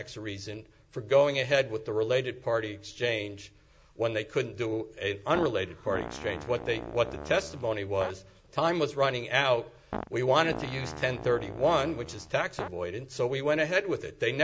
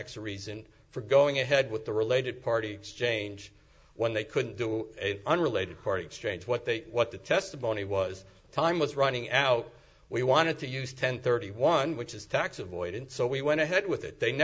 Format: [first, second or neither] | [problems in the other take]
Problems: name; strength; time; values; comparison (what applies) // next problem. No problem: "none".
second | background sound (Fart); 11 dB below the speech